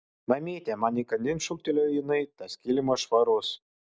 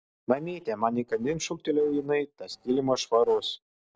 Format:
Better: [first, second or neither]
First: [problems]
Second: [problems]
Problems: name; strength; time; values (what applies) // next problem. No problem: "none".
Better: first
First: none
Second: noise reduction (neural separator model SepFormer DNS4)